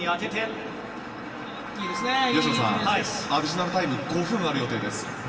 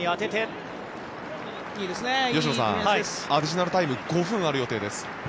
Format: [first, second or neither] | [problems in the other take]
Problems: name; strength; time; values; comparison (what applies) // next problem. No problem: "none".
second | background sound (Wind instrument, woodwind instrument); 7 dB below the speech // room echo; dies away in 2.3 s